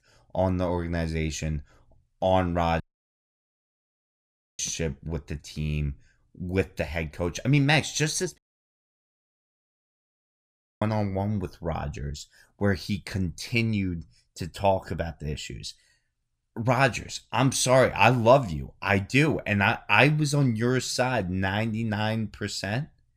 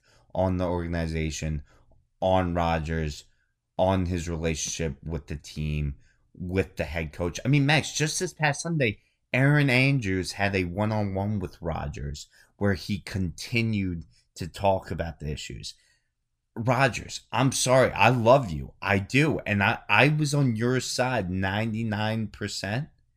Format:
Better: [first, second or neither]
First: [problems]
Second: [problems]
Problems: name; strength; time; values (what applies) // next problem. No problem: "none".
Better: second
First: audio cutting out; at 3 s for 2 s and at 8.5 s for 2.5 s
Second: none